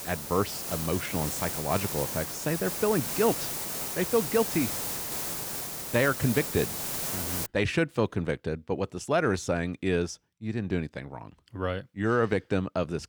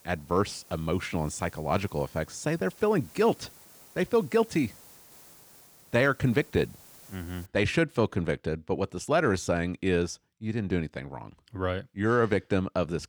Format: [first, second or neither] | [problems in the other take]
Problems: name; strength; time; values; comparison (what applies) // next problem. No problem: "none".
second | hiss; loud; until 7.5 s; 2 dB below the speech; faint in the second